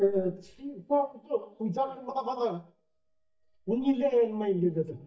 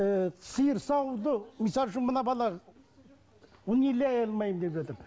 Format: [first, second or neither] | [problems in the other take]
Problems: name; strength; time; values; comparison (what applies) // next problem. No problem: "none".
second | noise reduction (neural mask model DeepFilterNet 3)